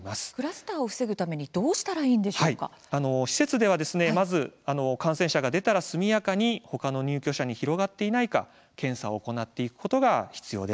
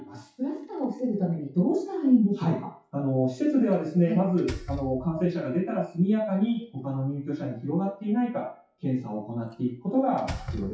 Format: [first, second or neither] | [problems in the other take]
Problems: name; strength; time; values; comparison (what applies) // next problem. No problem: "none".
first | noise reduction (classical method WPE with log-MMSE)